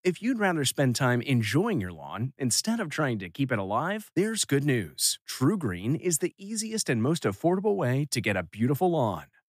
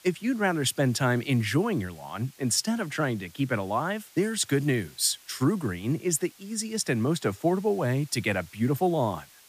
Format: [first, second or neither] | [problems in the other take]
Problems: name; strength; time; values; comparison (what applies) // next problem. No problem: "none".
first | hiss; faint; throughout; 25 dB below the speech